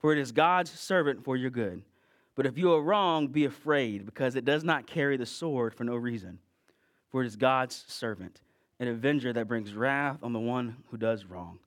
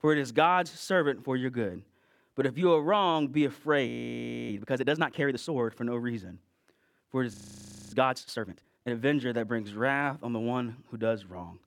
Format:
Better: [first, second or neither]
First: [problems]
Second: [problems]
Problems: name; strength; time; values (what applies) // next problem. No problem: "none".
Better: first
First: none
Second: audio freezing; at 4 s for 0.5 s and at 7.5 s for 0.5 s